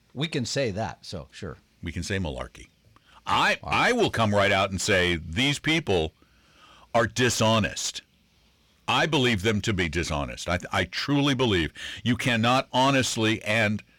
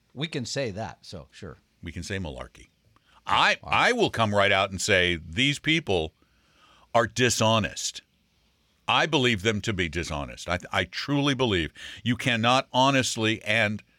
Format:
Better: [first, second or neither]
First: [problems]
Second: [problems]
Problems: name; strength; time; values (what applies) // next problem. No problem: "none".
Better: second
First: distortion; slight; 10 dB below the speech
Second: none